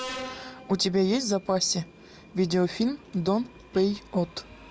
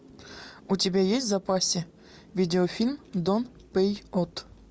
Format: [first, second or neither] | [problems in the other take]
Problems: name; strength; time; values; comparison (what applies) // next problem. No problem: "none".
second | background sound (Subway, metro, underground); 17 dB below the speech